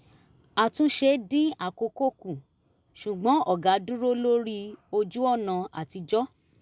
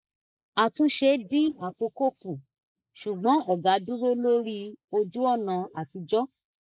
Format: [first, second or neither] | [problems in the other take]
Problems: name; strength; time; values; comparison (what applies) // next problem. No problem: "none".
first | noise reduction (neural mask model Resemble Enhance denoiser)